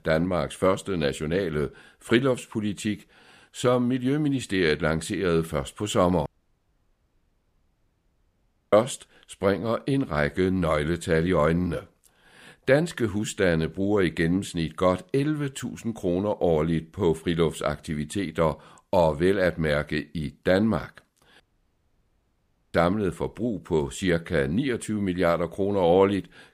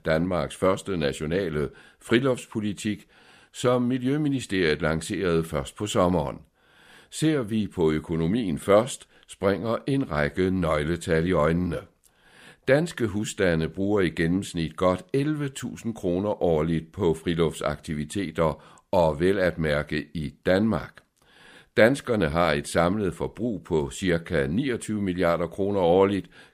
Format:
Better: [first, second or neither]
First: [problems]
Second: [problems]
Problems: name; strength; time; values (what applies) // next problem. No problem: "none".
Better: second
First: audio cutting out; at 6.5 s for 2.5 s and at 21 s for 1.5 s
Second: none